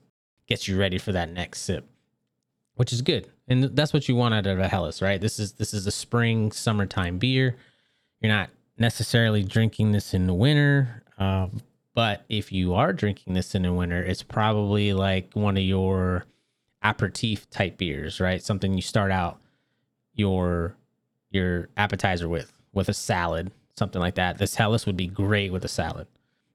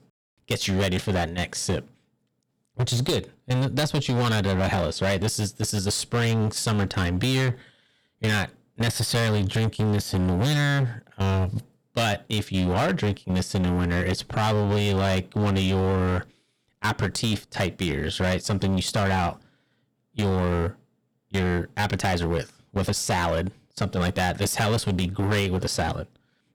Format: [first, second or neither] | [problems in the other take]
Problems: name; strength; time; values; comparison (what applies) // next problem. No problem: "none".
first | distortion; heavy; 21% of the sound clipped